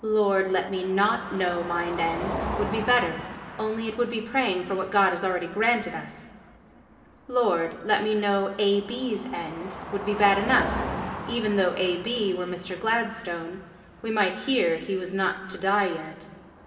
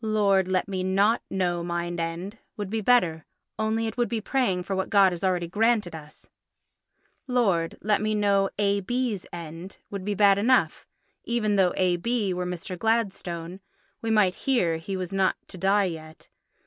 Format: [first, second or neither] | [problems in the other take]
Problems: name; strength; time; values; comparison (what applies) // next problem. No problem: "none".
second | background sound (Car passing by); 11 dB below the speech // room echo; dies away in 2.5 s